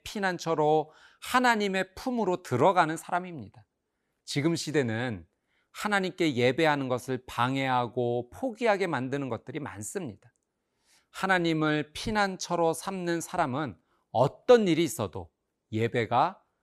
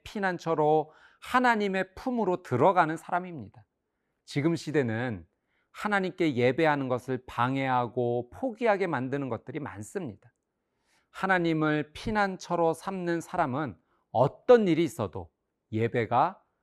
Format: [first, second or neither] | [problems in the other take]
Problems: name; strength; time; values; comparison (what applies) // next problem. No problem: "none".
first | muffled; slightly; fading above 3 kHz